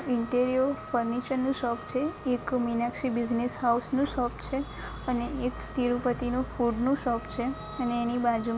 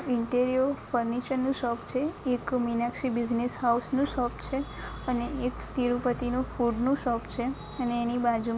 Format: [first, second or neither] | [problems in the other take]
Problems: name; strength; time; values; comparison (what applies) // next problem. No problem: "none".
second | background sound (Wind instrument, woodwind instrument); 19 dB below the speech